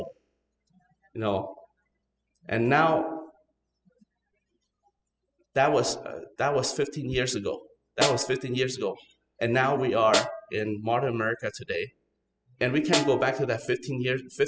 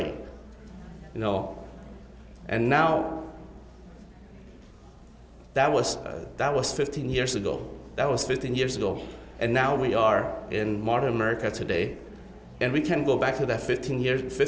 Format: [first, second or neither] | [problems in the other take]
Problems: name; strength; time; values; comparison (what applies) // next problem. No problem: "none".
second | noise reduction (classical method spectral subtraction)